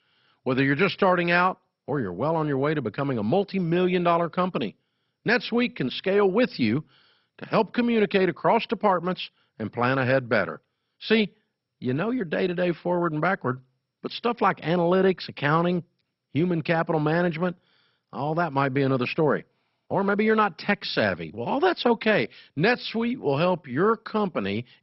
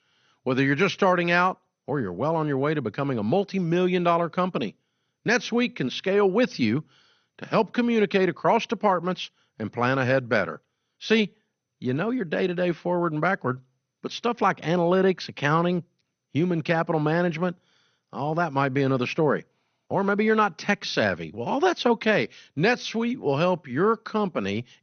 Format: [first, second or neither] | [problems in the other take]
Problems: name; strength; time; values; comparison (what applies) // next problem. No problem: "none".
second | garbled, watery; badly; nothing above 5.5 kHz; slightly in the second